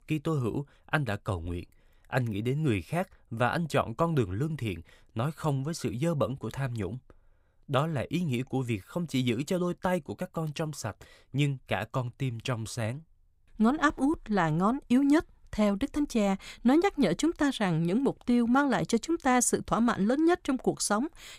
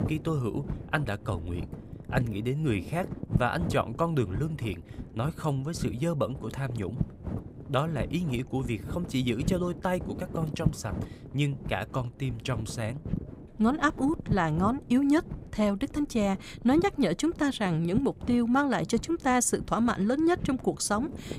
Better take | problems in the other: first | wind noise on the microphone; occasional gusts; 15 dB below the speech

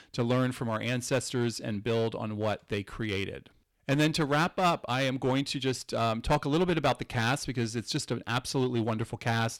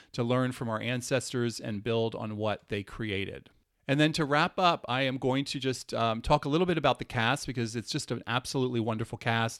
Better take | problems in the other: second | distortion; slight; 5% of the sound clipped

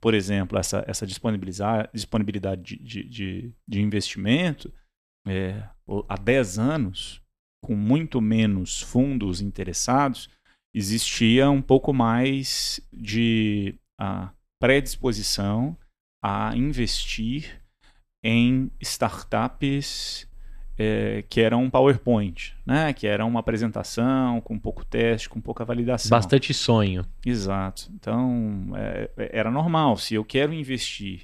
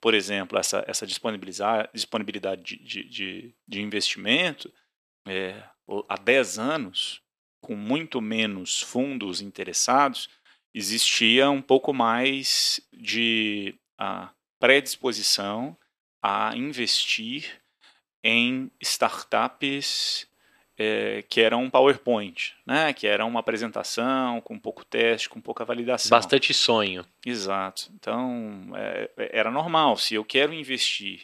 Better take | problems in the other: first | thin; somewhat; fading below 350 Hz

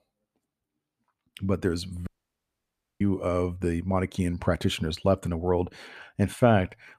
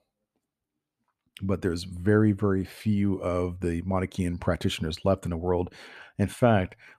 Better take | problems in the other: second | audio cutting out; at 2 s for 1 s

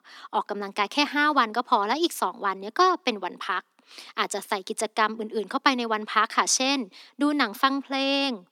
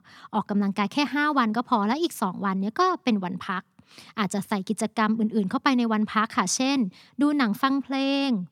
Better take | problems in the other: second | thin; somewhat; fading below 300 Hz

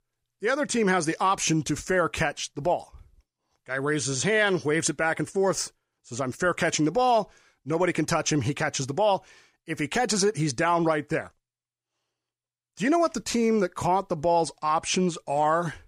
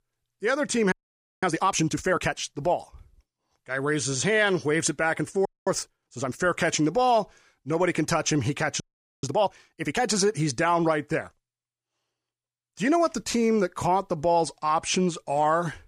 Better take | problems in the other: first | audio freezing; at 1 s, at 5.5 s and at 9 s

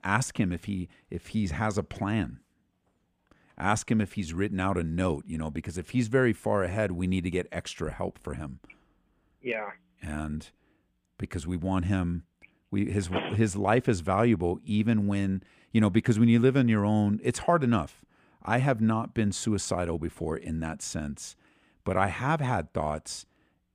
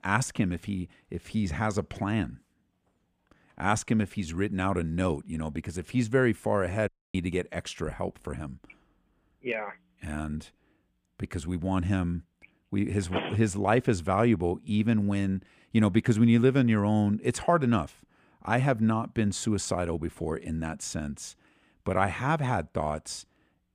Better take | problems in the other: first | audio cutting out; at 7 s

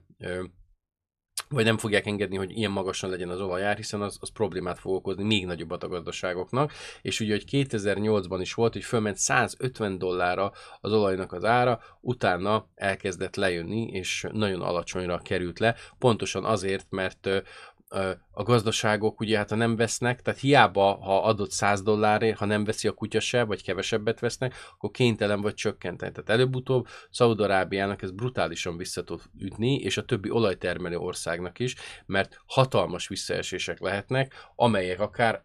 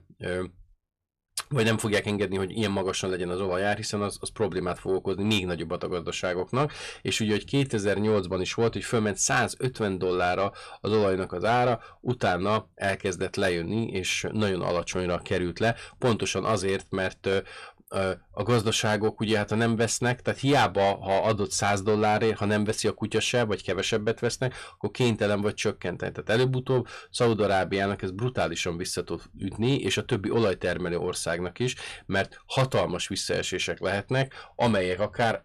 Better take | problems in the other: first | distortion; slight; 10 dB below the speech

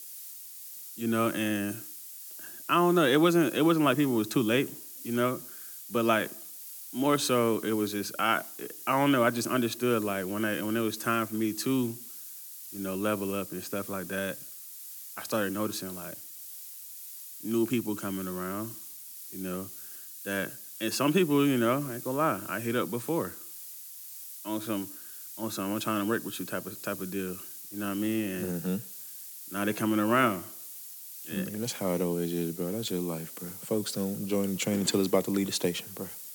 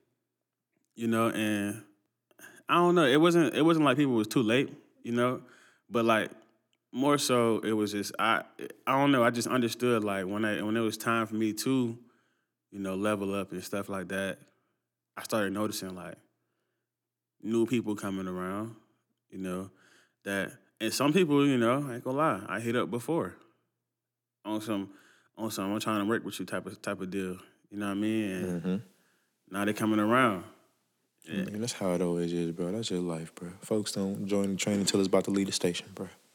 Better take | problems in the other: second | hiss; noticeable; throughout; 10 dB below the speech

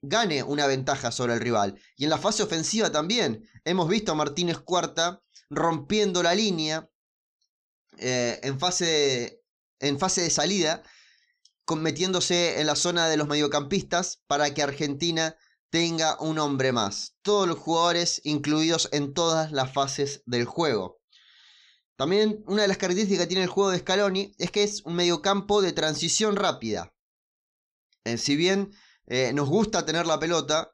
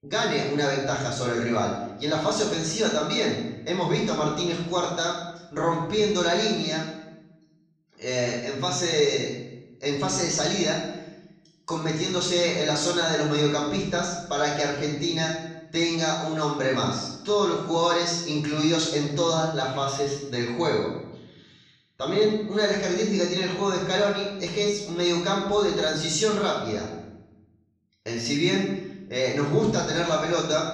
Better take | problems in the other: first | off-mic speech; far // room echo; noticeable; dies away in 0.9 s

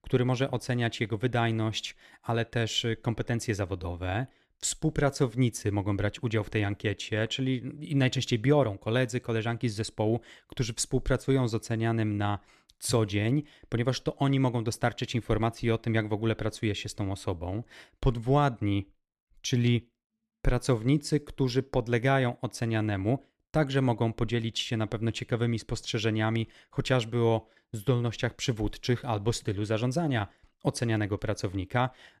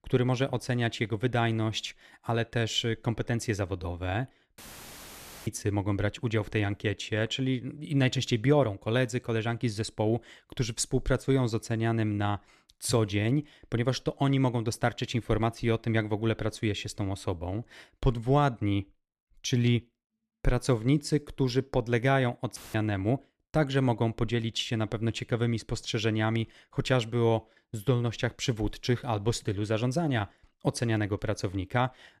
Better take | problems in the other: first | audio cutting out; filled with static; at 4.5 s for 1 s and at 23 s

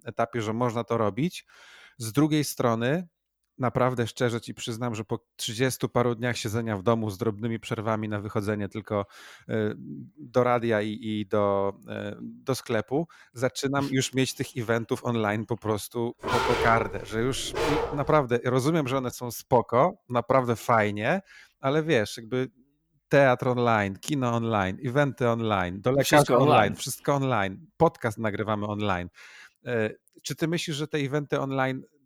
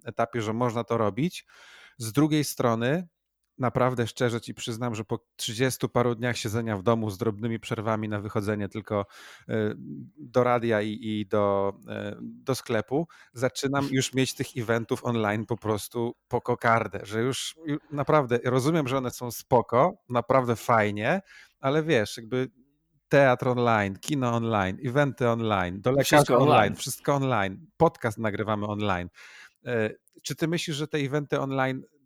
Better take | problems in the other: second | dog barking; loud; from 16 to 18 s; peak 1 dB above the speech

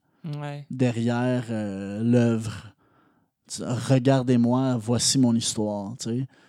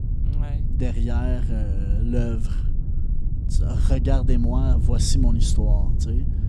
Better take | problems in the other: first | wind noise on the microphone; heavy; 7 dB below the speech

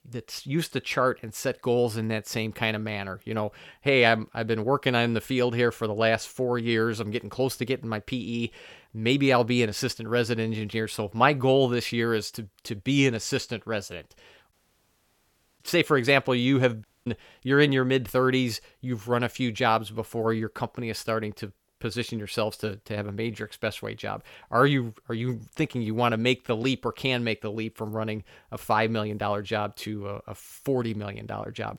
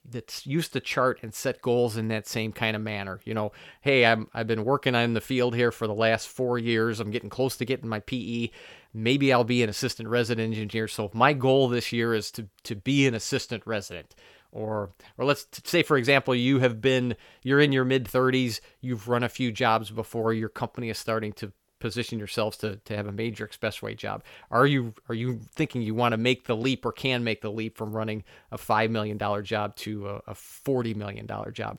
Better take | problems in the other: second | audio cutting out; at 15 s for 1 s and at 17 s

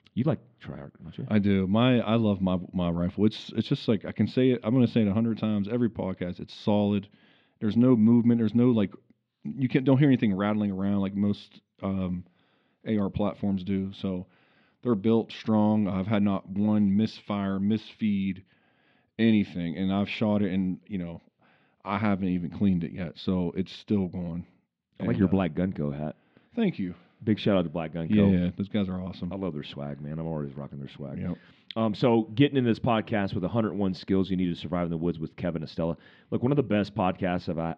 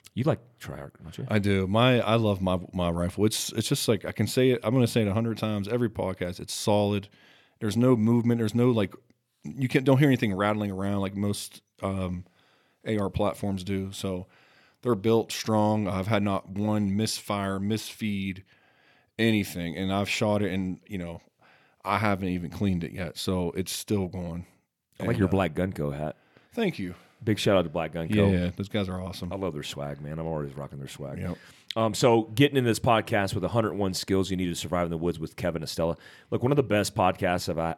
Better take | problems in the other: second | muffled; slightly; fading above 3.5 kHz

